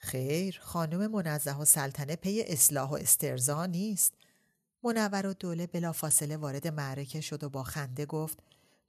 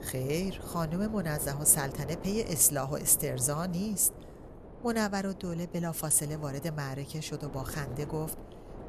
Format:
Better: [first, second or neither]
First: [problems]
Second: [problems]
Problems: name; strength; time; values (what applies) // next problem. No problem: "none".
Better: first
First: none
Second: wind noise on the microphone; occasional gusts; 15 dB below the speech